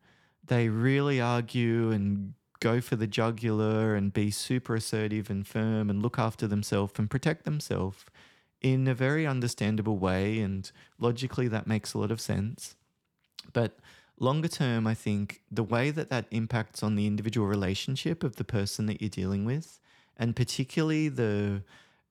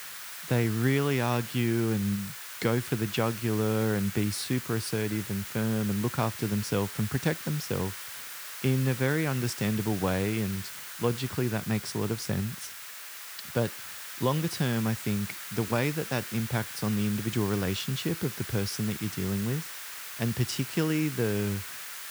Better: first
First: none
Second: hiss; loud; throughout; 8 dB below the speech

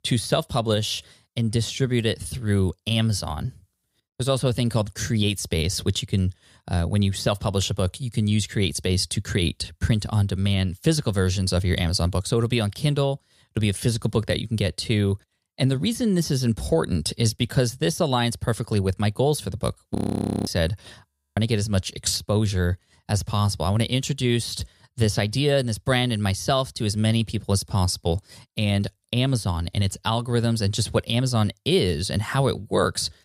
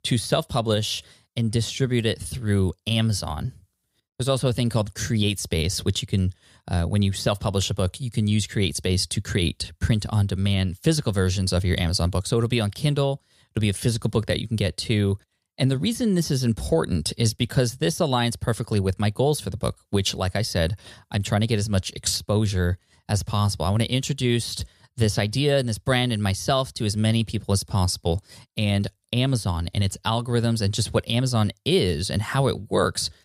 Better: second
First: audio freezing; at 20 s for 0.5 s and at 21 s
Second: none

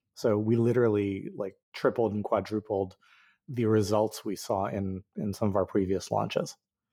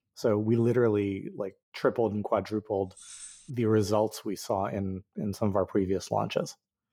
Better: first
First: none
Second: jangling keys; faint; at 3 s; peak 15 dB below the speech

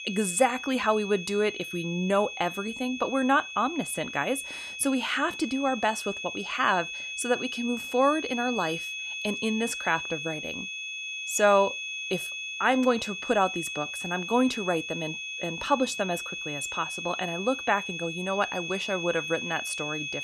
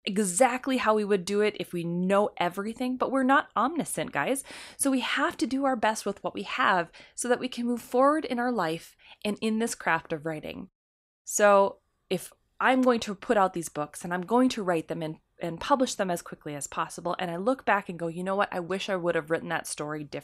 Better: second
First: high-pitched whine; loud; throughout; 2.5 kHz, 6 dB below the speech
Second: none

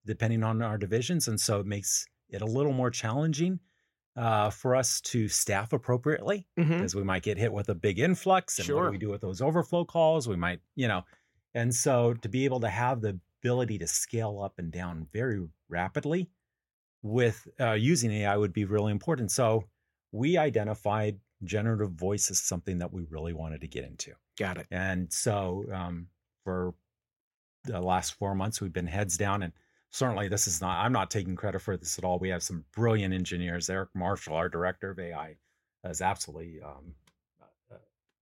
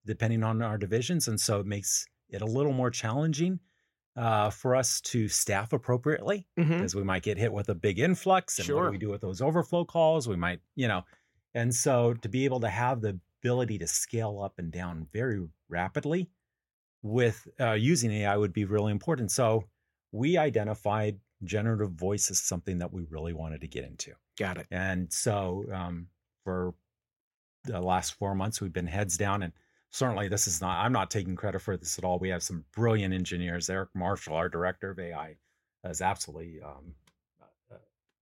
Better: neither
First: none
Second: none

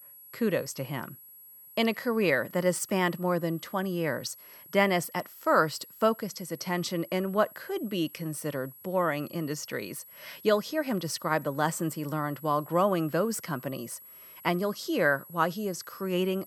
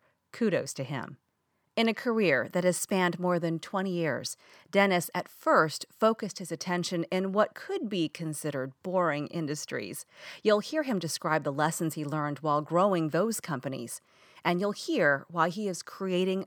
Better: second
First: high-pitched whine; noticeable; throughout; 11.5 kHz, 20 dB below the speech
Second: none

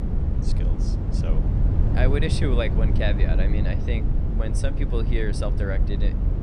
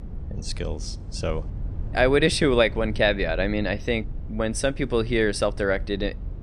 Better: second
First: low rumble; loud; throughout; 5 dB below the speech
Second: low rumble; faint; throughout; 25 dB below the speech

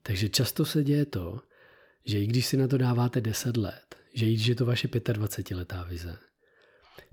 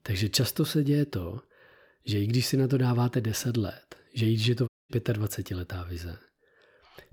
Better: first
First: none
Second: audio cutting out; at 4.5 s

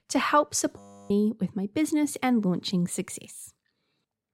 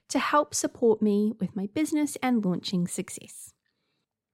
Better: second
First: audio freezing; at 1 s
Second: none

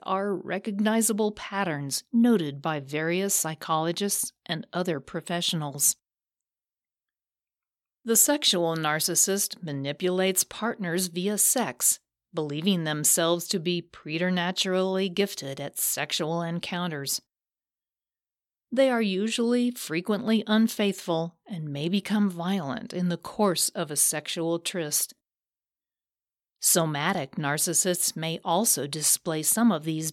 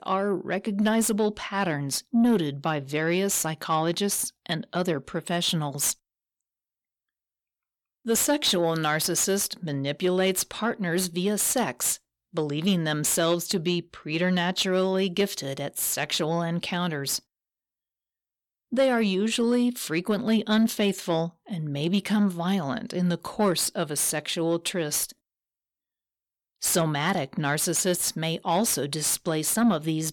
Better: first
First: none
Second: distortion; slight; 10 dB below the speech

